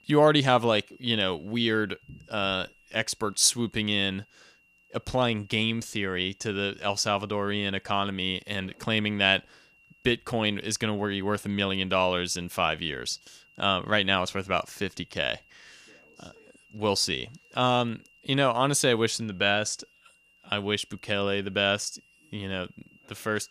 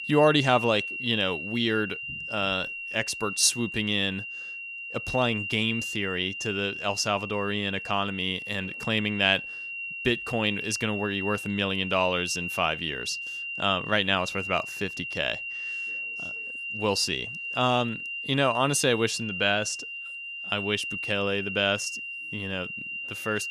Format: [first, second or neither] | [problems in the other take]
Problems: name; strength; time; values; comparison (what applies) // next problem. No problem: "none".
first | high-pitched whine; loud; throughout; 3 kHz, 6 dB below the speech; faint in the first